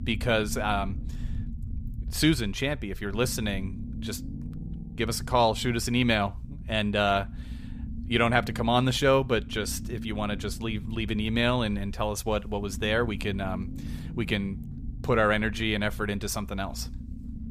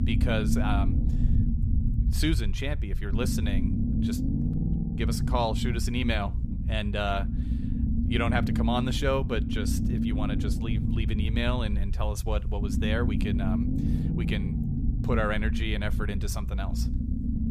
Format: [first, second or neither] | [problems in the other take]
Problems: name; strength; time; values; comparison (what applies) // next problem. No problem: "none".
first | low rumble; loud; throughout; 6 dB below the speech; faint in the first